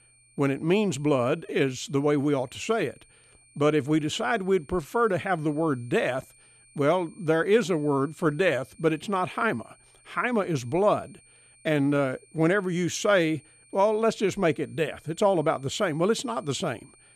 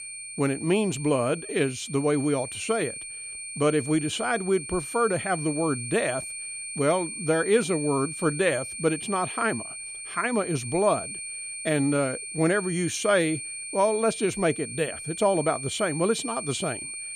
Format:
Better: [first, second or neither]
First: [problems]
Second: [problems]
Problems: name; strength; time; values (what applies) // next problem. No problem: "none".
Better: first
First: high-pitched whine; faint; throughout; 9 kHz, 30 dB below the speech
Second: high-pitched whine; loud; throughout; 9 kHz, 8 dB below the speech